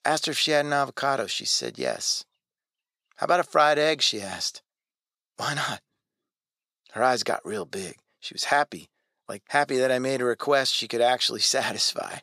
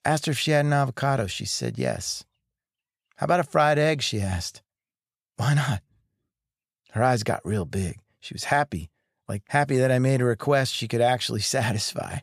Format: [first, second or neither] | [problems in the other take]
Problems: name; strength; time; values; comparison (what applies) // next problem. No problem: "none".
second | thin; somewhat; fading below 350 Hz